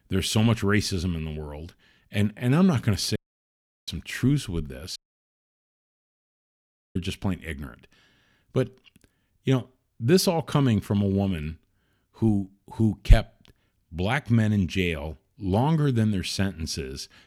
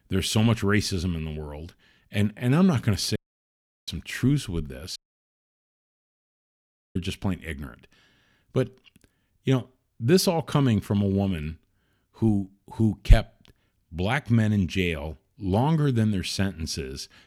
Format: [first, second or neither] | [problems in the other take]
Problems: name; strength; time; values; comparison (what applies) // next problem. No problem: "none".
neither | audio cutting out; at 3 s for 0.5 s and at 5 s for 2 s; the same in both